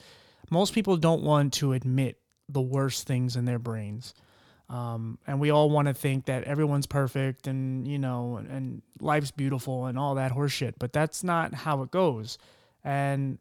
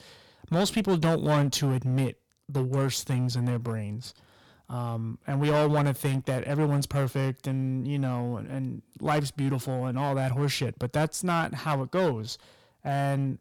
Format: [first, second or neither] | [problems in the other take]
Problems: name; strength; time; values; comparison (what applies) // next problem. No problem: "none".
first | distortion; slight; 7% of the sound clipped